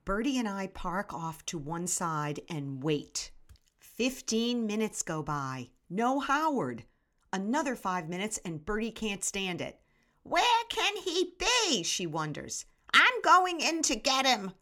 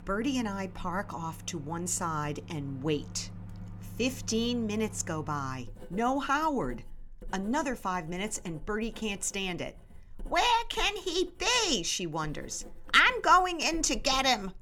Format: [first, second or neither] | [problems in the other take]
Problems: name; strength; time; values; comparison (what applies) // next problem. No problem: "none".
first | household noises; noticeable; throughout; 20 dB below the speech